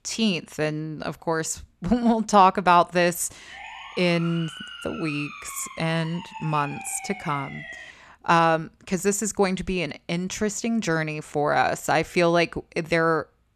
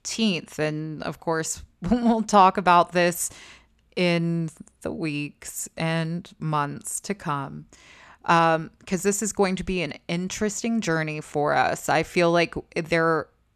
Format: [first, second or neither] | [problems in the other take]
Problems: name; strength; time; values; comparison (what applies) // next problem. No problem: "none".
second | siren; faint; from 3.5 to 8 s; peak 10 dB below the speech